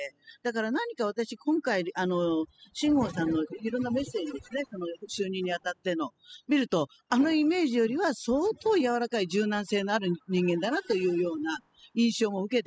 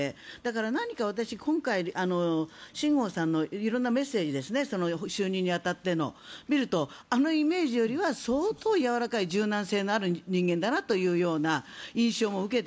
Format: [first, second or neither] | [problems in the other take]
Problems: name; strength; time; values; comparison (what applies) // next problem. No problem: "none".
second | noise reduction (classical method spectral subtraction)